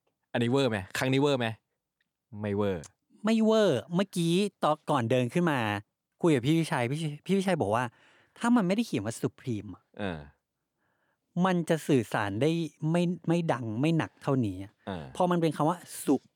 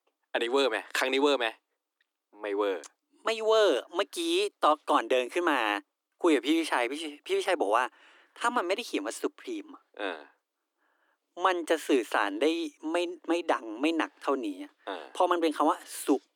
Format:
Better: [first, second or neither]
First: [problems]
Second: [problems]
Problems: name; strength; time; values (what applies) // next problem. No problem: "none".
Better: first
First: none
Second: thin; somewhat; fading below 300 Hz